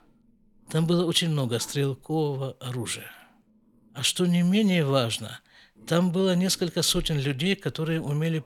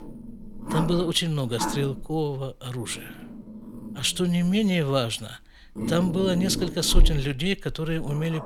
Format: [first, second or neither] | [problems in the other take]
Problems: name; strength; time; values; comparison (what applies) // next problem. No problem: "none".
first | animal sounds; loud; throughout; 7 dB below the speech; faint in the first